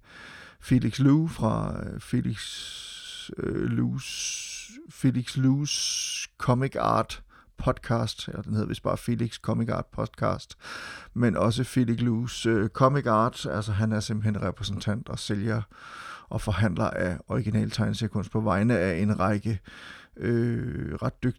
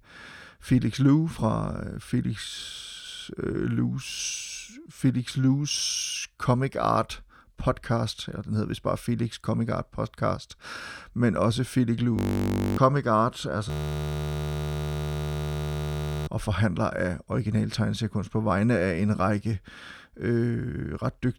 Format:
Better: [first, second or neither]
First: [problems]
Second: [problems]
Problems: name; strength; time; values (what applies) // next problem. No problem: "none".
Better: first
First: none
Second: audio freezing; at 12 s for 0.5 s and at 14 s for 2.5 s